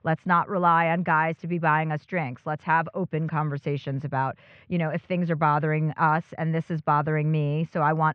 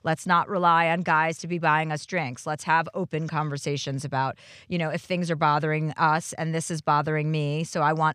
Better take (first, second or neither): second